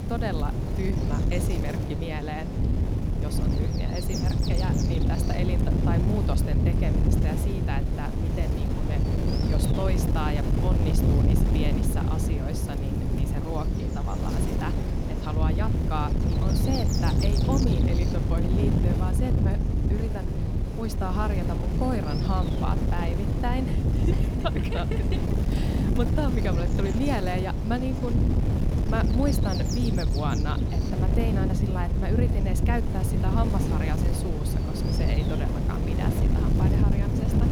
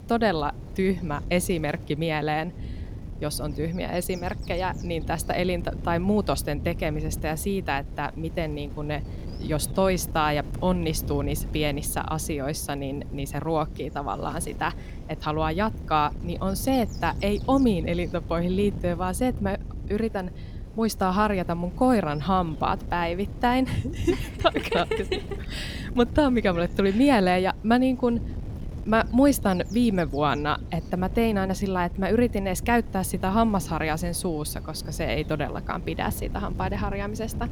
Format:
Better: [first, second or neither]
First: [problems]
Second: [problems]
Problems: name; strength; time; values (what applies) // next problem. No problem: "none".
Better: second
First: wind noise on the microphone; heavy; as loud as the speech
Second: wind noise on the microphone; occasional gusts; 20 dB below the speech